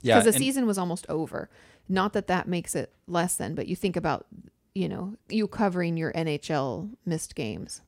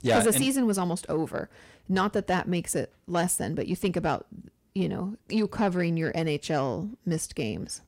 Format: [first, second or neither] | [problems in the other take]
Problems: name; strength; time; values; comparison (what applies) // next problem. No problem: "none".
first | distortion; slight; 10 dB below the speech